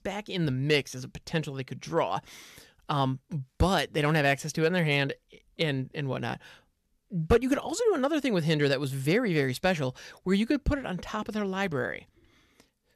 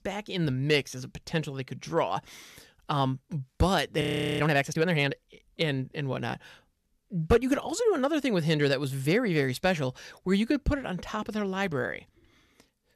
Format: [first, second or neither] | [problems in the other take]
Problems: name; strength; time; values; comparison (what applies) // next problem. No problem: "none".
first | audio freezing; at 4 s